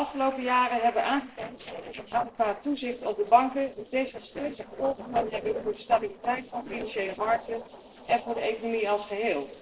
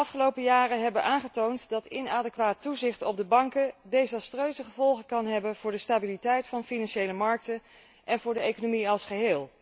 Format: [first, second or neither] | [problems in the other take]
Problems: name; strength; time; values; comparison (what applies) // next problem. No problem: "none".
second | noise reduction (neural separator model SepFormer DNS4)